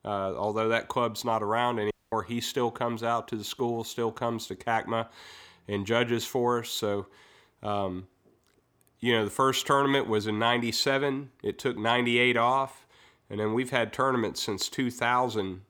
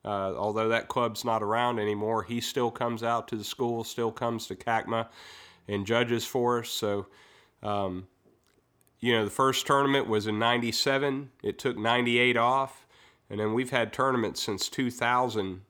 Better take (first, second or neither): second